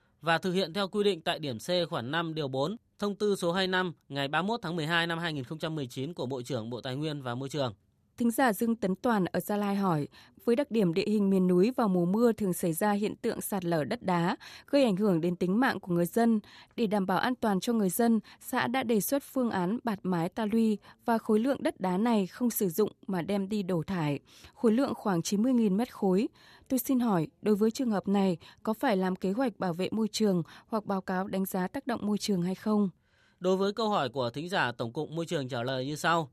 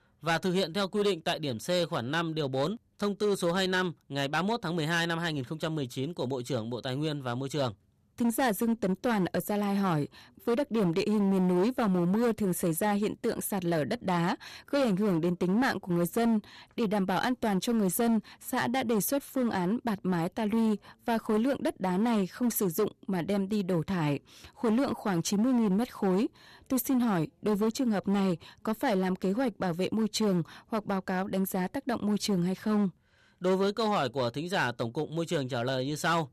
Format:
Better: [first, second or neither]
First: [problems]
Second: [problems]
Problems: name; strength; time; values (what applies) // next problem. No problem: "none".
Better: first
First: none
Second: distortion; slight; 10% of the sound clipped